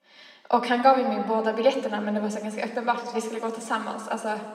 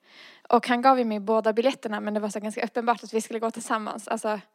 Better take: second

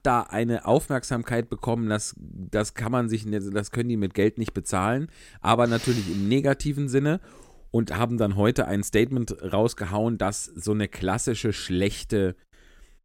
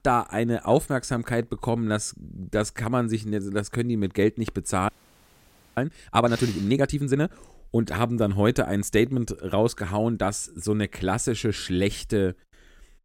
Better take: first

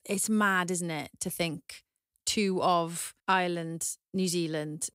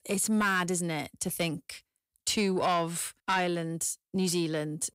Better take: first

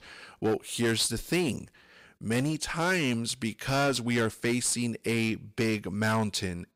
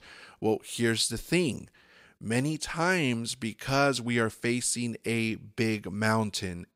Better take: second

